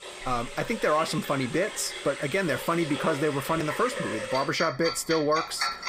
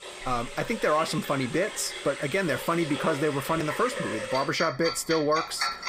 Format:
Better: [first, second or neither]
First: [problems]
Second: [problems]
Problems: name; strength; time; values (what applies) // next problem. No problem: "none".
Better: neither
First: household noises; loud; throughout; 7 dB below the speech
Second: household noises; loud; throughout; 7 dB below the speech